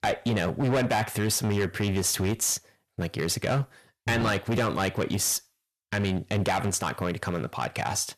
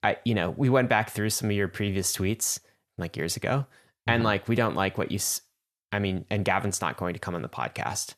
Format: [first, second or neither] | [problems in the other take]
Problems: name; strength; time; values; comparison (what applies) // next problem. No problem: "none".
second | distortion; heavy; 12% of the sound clipped